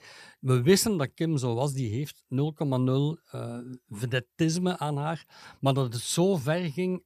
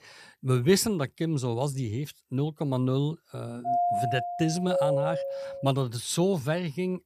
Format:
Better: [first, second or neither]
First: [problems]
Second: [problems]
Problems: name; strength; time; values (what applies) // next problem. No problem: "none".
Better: first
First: none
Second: doorbell; loud; from 3.5 to 5.5 s; peak 2 dB above the speech